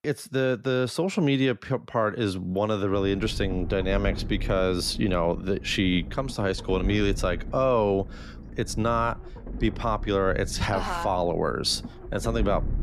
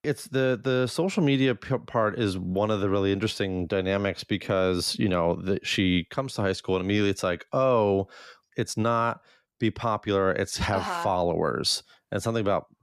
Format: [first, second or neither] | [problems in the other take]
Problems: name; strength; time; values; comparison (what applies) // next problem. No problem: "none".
second | low rumble; noticeable; from 3 s on; 20 dB below the speech